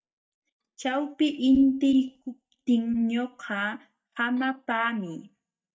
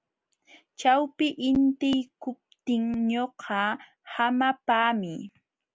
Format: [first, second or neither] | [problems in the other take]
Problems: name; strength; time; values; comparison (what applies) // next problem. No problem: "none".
second | noise reduction (neural mask model DeepFilterNet 3)